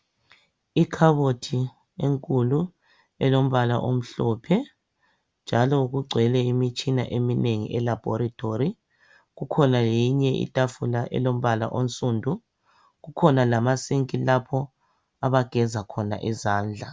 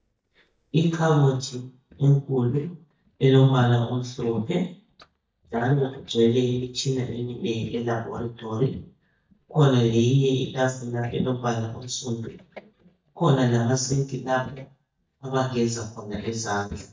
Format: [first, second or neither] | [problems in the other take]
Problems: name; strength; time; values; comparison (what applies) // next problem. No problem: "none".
first | noise reduction (neural mask model DeepFilterNet 3)